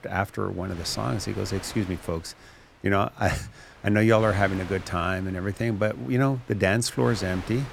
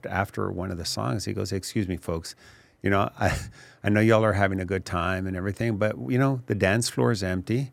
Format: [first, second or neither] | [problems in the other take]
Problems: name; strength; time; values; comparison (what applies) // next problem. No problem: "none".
second | wind noise on the microphone; occasional gusts; 15 dB below the speech